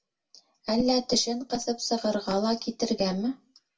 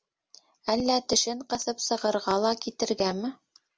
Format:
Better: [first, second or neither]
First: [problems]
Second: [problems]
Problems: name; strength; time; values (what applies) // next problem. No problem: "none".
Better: second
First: room echo; dies away in 0.2 s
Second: none